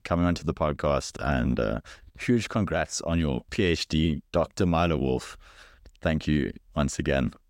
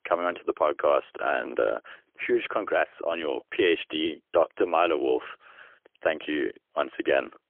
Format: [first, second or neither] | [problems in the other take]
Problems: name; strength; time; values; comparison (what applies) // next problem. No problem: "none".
first | phone-call audio; poor line; nothing above 3.5 kHz